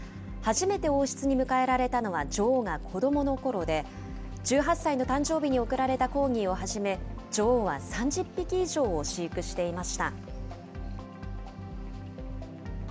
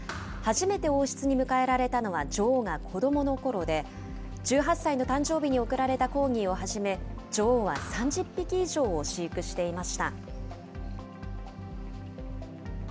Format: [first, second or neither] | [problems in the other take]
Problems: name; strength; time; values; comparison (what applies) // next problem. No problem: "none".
first | background sound (Thump, thud); 16 dB below the speech